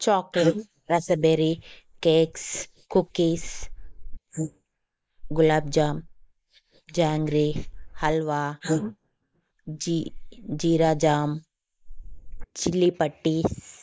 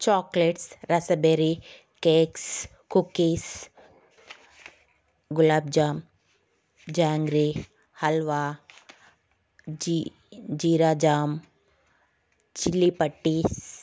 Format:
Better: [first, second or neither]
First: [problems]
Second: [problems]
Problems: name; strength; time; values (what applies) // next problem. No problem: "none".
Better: second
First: noise reduction (neural mask model Resemble Enhance denoiser)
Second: none